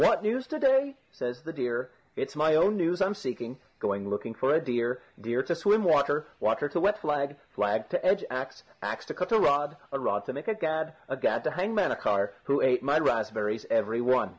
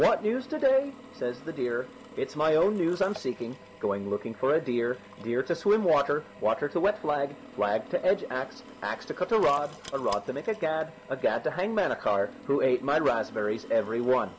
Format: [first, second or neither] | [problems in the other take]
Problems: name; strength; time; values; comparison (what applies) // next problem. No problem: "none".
first | background sound (Drill); 19 dB below the speech